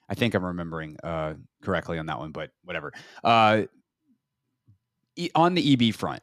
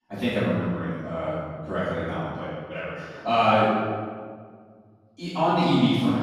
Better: first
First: none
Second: room echo; strong; dies away in 1.7 s // off-mic speech; far

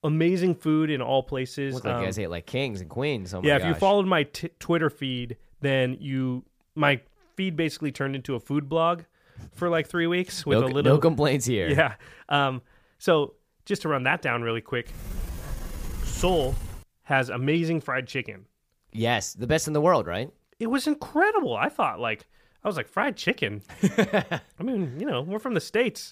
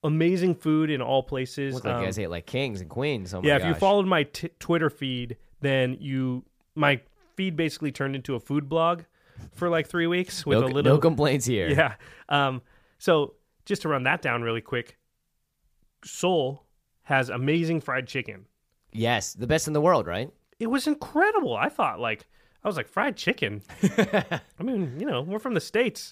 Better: second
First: door banging; noticeable; from 15 to 17 s; peak 9 dB below the speech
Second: none

